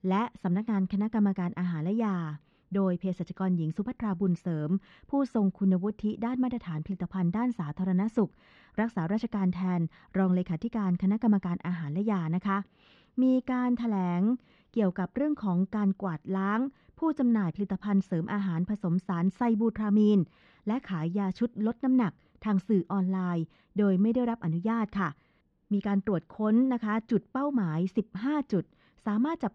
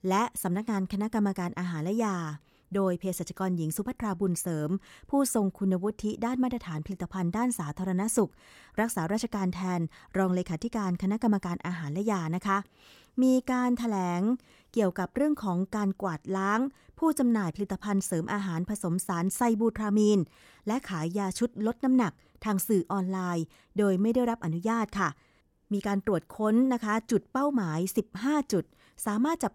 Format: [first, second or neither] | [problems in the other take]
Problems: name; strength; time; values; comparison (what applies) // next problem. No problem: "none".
second | muffled; slightly; fading above 4 kHz